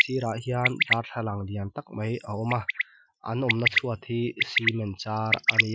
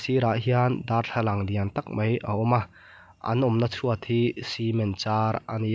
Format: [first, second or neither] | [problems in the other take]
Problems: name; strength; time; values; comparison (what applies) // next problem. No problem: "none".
second | noise reduction (classical method Wiener filter)